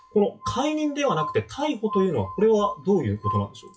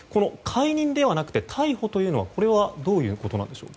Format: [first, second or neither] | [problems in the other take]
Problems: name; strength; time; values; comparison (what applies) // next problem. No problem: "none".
second | noise reduction (classical method WPE with log-MMSE)